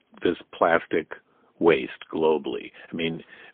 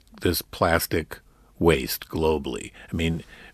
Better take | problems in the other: second | phone-call audio; poor line; nothing above 3.5 kHz

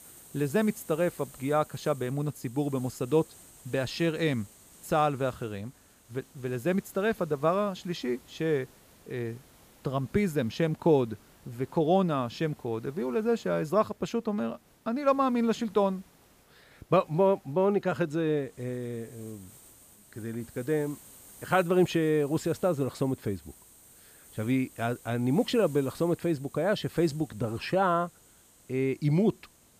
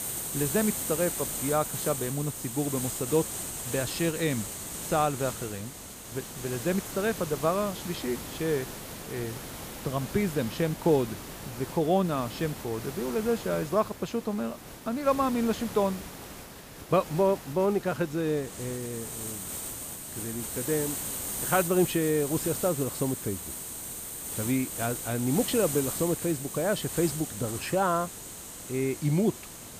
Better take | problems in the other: first | hiss; loud; throughout; 6 dB below the speech; faint in the first

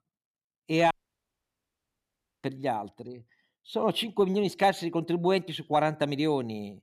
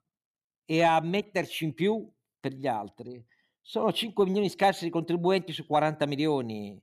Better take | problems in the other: second | audio cutting out; at 1 s for 1.5 s

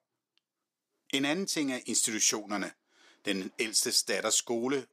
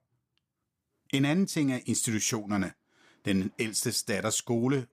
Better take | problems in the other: second | thin; very slightly; fading below 350 Hz

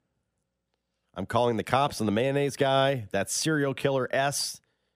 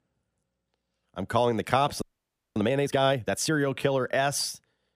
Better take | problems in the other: first | audio freezing; at 2 s for 0.5 s

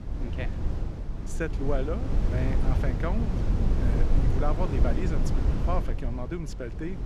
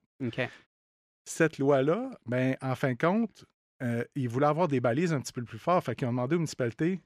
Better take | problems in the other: second | wind noise on the microphone; heavy; 4 dB below the speech

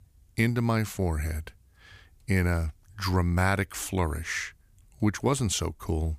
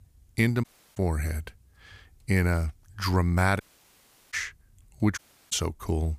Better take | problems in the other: first | audio cutting out; at 0.5 s, at 3.5 s for 0.5 s and at 5 s

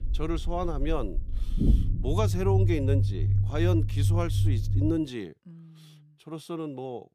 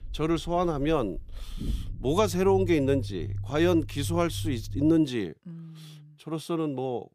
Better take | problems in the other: second | low rumble; loud; until 5 s; 7 dB below the speech; faint in the second

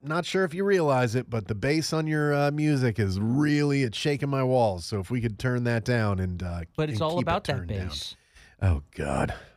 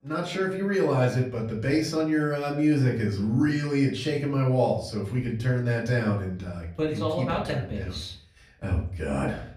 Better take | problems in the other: first | off-mic speech; far // room echo; slight; dies away in 0.4 s

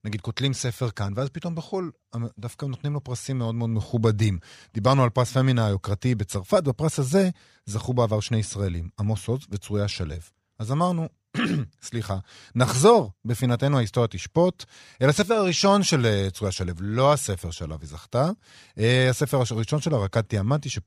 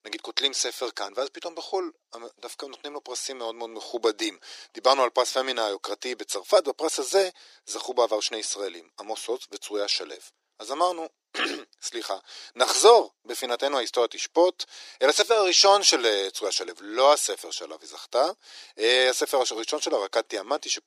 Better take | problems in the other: first | thin; very; fading below 300 Hz

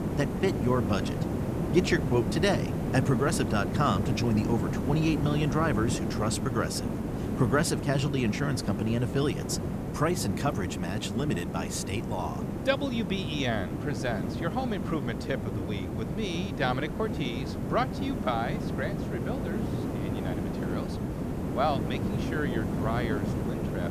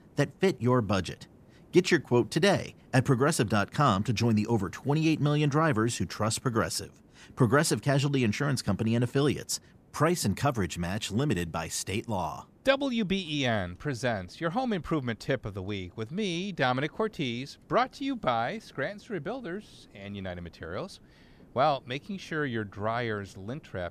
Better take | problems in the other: second | hiss; loud; throughout; 2 dB below the speech; faint in the second

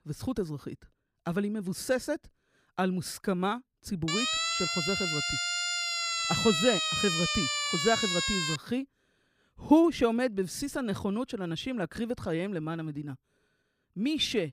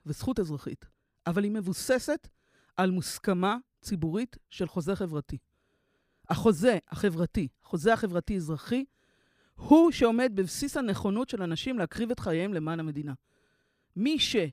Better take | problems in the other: second | siren; loud; from 4 to 8.5 s; peak 4 dB above the speech

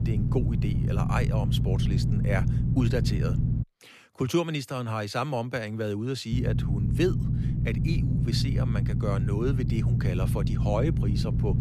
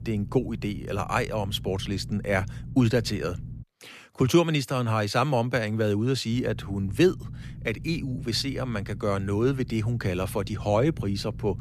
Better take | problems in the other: second | low rumble; loud; until 3.5 s and from 6.5 s on; 5 dB below the speech; faint in the second

